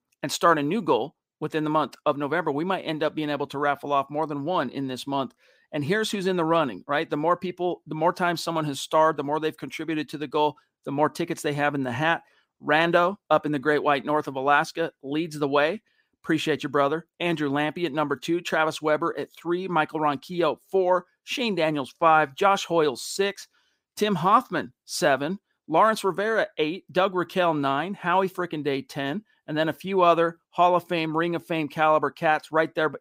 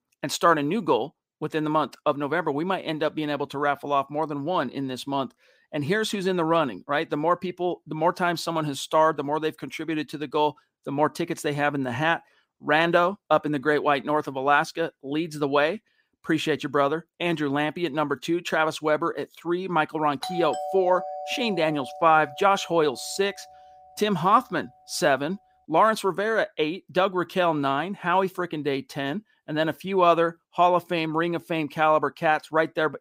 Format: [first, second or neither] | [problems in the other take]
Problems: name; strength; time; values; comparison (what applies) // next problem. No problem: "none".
first | doorbell; noticeable; from 20 to 23 s; peak 6 dB below the speech